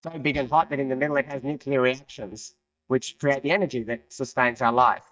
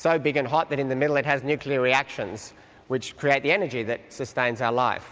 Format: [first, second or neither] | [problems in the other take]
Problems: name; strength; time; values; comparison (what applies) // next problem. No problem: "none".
second | noise reduction (neural mask model DeepFilterNet 3)